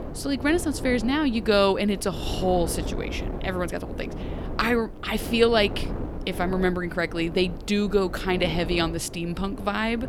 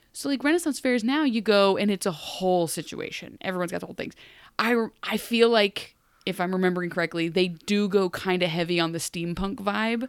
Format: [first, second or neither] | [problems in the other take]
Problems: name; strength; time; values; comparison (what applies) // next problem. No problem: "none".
second | wind noise on the microphone; occasional gusts; 15 dB below the speech